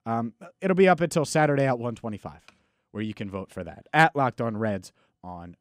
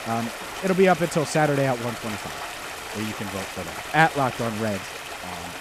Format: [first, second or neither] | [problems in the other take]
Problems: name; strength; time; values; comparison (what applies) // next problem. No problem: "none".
first | rain or running water; loud; throughout; 9 dB below the speech